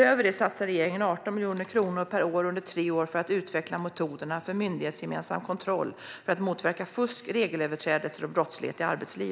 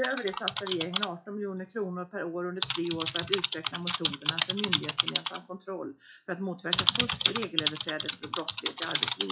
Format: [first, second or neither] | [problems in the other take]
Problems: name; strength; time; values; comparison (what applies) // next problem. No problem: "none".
first | noise reduction (classical method WPE with log-MMSE)